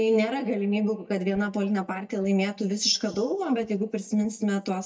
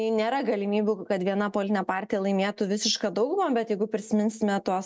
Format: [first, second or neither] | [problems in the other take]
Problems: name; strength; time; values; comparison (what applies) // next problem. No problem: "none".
second | noise reduction (neural mask model DeepFilterNet 3)